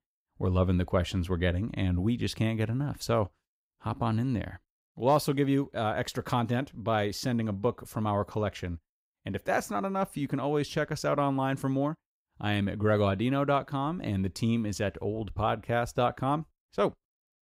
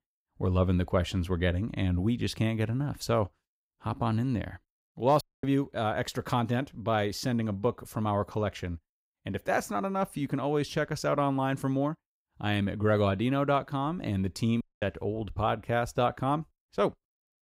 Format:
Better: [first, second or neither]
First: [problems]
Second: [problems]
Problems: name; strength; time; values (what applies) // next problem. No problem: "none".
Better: first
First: none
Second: audio cutting out; at 5 s and at 15 s